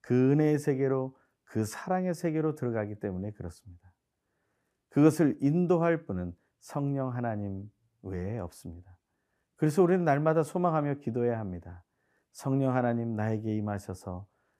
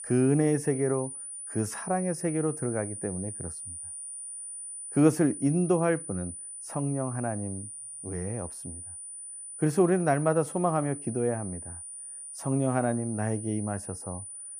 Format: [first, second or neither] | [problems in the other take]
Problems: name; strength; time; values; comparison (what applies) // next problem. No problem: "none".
first | high-pitched whine; loud; throughout; 9.5 kHz, 9 dB below the speech